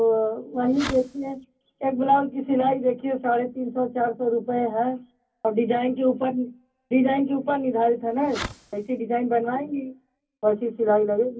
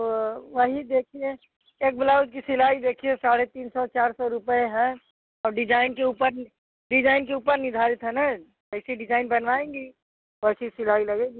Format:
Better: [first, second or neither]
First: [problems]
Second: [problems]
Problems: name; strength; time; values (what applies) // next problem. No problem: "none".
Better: second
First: background sound (Fireworks); 13 dB below the speech // room echo; dies away in 0.3 s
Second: none